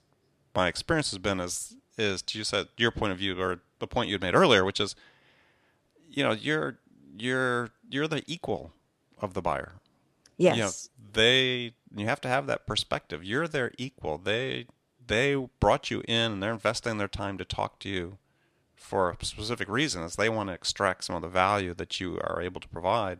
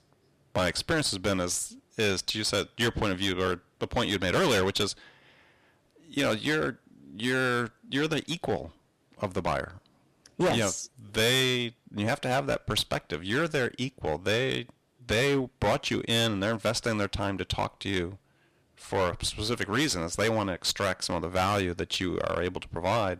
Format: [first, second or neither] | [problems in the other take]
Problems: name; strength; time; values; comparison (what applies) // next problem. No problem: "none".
first | distortion; heavy; 10% of the sound clipped